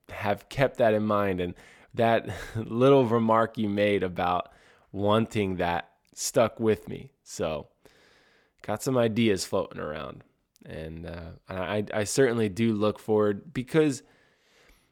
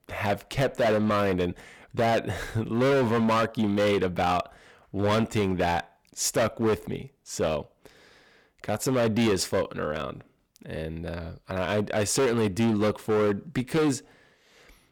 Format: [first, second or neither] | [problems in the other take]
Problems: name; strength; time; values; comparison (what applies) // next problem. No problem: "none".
first | distortion; heavy; 13% of the sound clipped